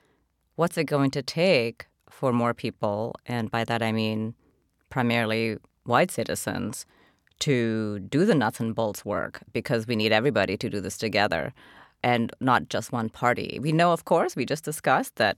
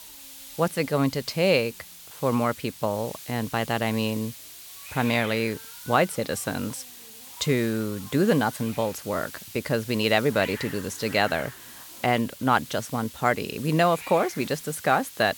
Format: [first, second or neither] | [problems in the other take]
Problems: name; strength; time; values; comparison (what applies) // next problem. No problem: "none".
first | hiss; noticeable; throughout; 15 dB below the speech